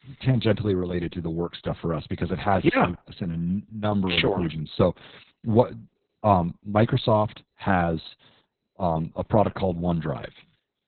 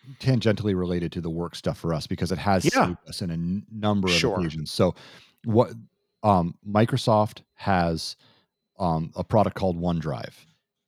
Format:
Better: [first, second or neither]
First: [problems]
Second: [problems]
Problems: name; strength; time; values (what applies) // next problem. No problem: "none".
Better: second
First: garbled, watery; badly; nothing above 4 kHz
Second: none